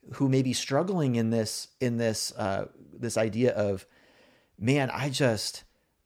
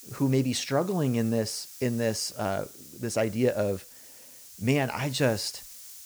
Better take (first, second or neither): first